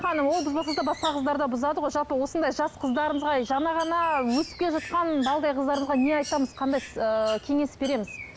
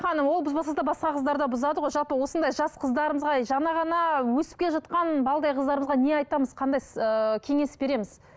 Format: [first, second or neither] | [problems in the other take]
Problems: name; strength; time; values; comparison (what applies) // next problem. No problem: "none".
second | background sound (Bird); 16 dB below the speech